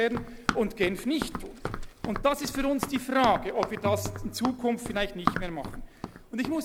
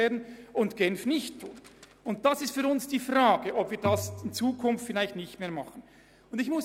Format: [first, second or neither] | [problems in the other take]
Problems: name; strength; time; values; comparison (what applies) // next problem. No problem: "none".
second | background sound (Run); 6 dB below the speech